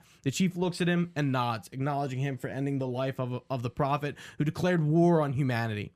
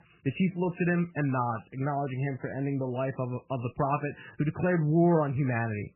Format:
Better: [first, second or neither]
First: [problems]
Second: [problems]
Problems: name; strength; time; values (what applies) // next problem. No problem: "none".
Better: first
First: none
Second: garbled, watery; badly; nothing above 3 kHz